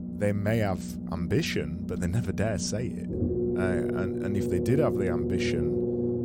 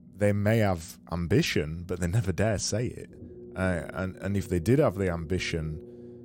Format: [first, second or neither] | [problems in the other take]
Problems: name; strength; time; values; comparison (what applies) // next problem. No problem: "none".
second | low rumble; loud; throughout; 2 dB below the speech; faint in the second